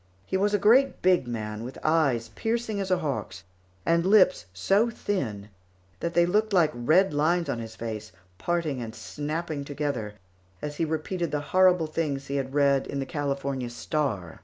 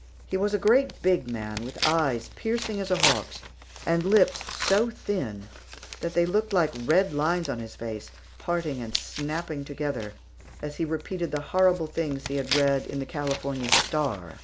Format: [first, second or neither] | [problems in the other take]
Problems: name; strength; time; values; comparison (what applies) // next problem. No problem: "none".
first | background sound (Tearing); 8 dB below the speech